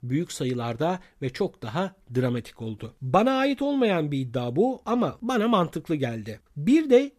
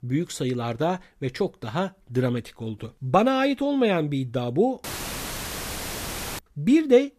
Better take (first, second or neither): first